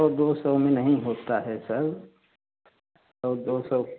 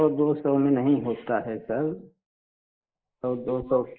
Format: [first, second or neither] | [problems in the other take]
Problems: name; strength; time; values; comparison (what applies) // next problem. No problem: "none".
first | noise reduction (neural mask model Resemble Enhance denoiser)